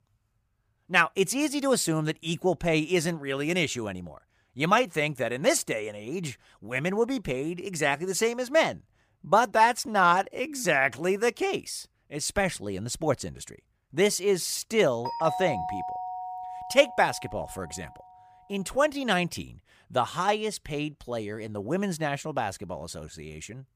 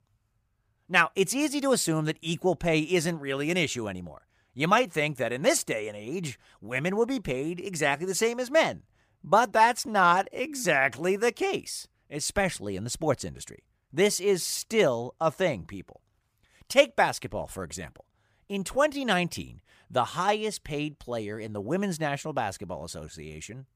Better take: second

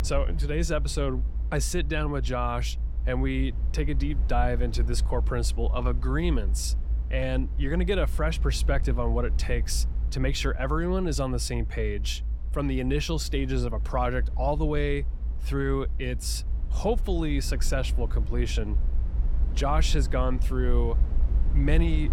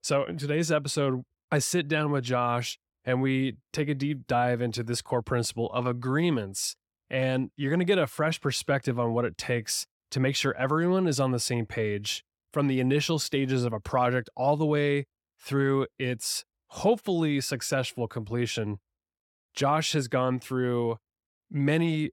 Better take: second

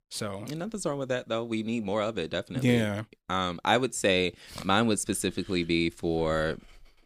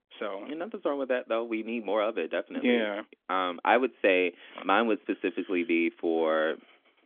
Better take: first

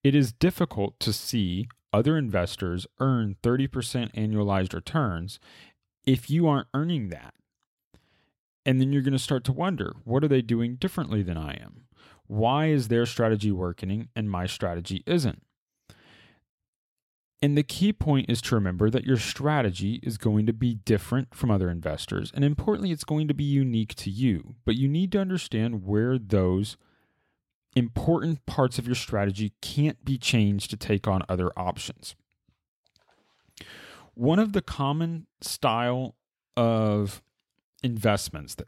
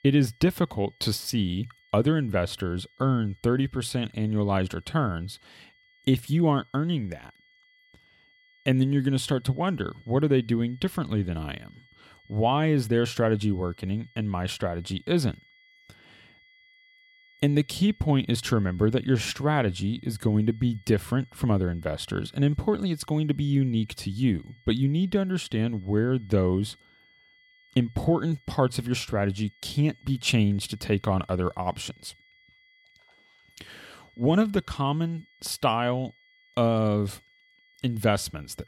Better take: first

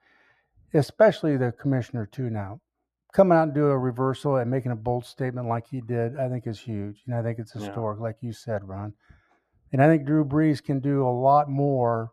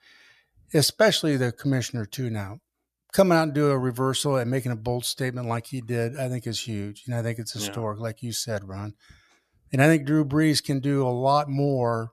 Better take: second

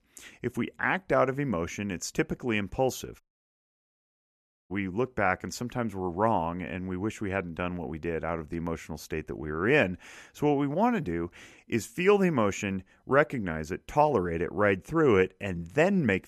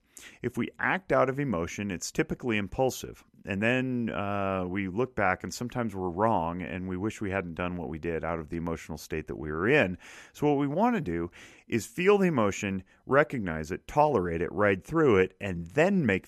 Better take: second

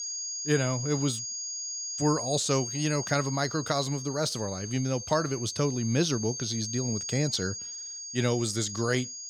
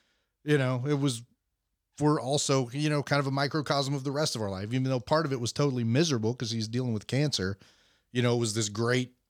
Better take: second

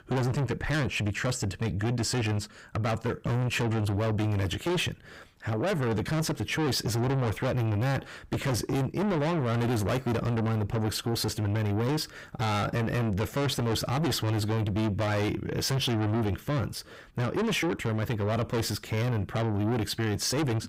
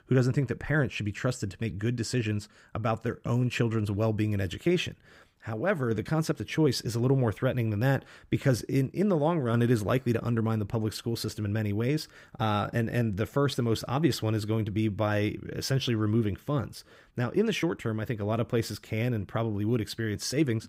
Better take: second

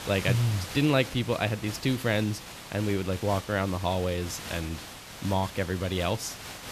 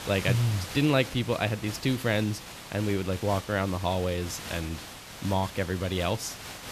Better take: neither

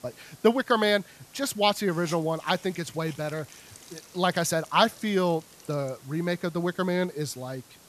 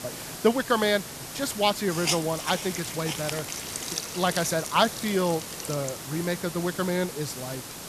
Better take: first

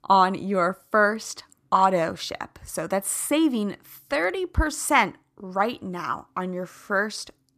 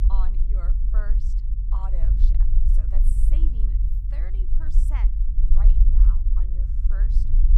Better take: first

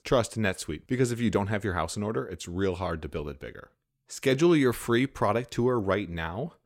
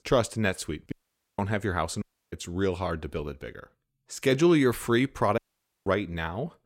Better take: first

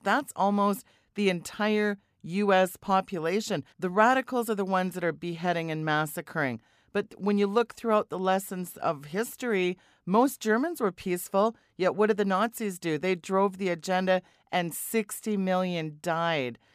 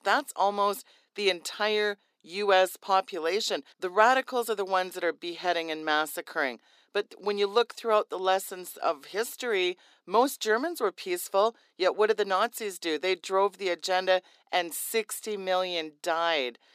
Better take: first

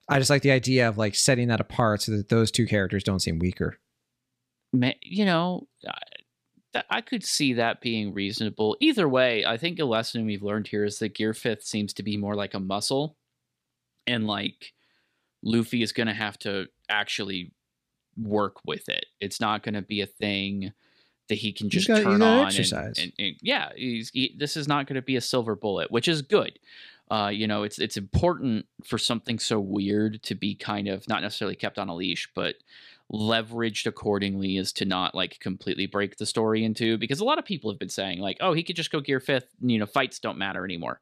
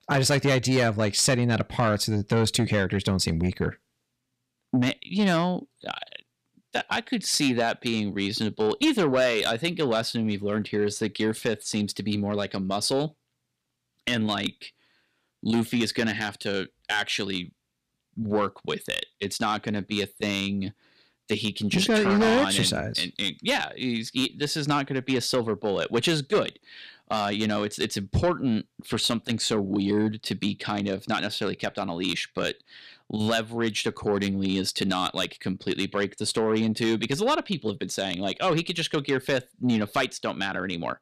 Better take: first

